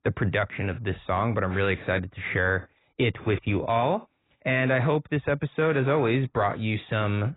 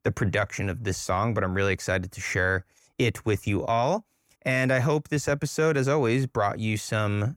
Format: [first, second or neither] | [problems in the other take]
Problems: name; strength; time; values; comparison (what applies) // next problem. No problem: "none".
second | garbled, watery; badly; nothing above 4 kHz